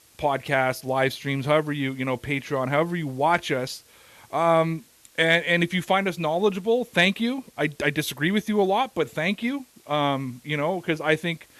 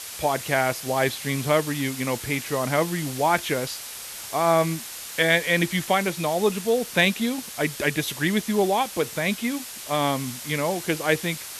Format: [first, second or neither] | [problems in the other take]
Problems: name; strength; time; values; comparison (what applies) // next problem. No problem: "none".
first | hiss; loud; throughout; 10 dB below the speech; faint in the first